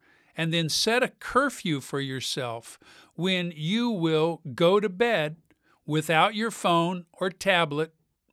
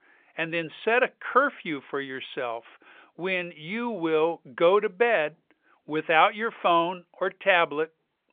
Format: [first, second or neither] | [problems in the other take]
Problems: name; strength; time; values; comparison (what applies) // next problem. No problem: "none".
first | phone-call audio; nothing above 3.5 kHz